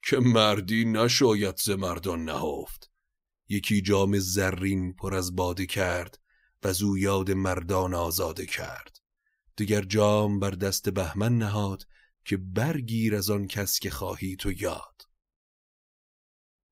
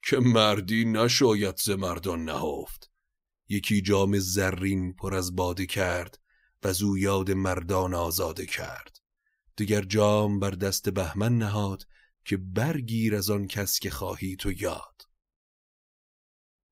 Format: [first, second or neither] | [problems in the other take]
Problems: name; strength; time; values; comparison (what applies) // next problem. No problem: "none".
neither | none